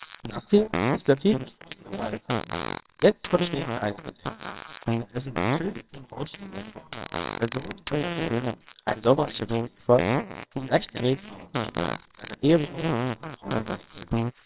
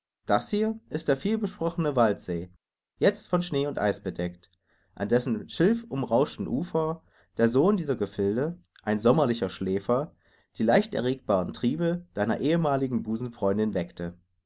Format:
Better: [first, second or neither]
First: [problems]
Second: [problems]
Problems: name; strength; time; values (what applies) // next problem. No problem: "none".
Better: second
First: noise reduction (neural separator model SepFormer WHAMR!)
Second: none